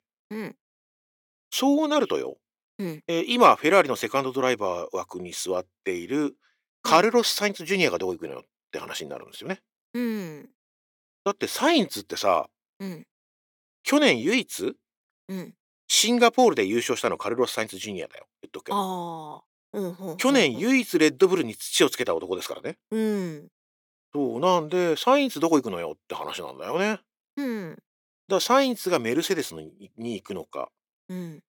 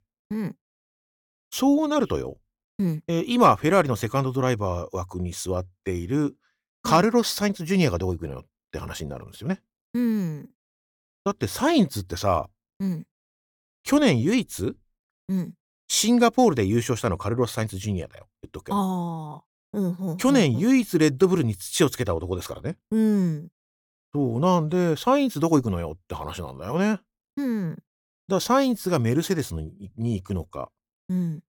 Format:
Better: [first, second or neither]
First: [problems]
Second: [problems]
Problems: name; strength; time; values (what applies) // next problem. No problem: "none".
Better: second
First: thin; very slightly; fading below 350 Hz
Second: none